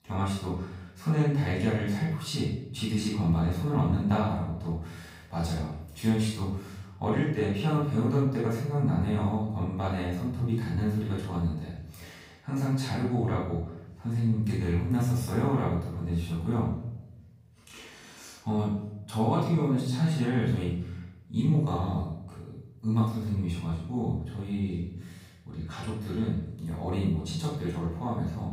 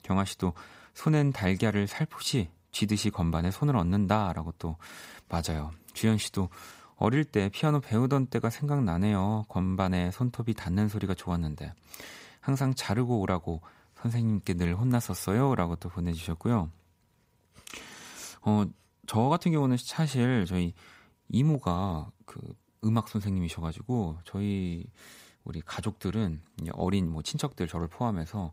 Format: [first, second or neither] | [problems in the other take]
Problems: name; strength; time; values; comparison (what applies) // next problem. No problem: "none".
second | off-mic speech; far // room echo; noticeable; dies away in 0.8 s